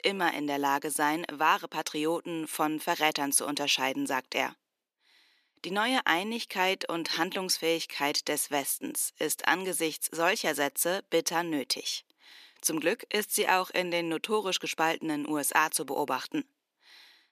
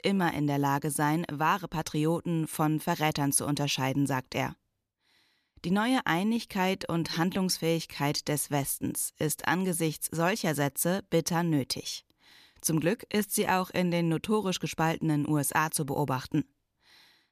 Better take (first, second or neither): second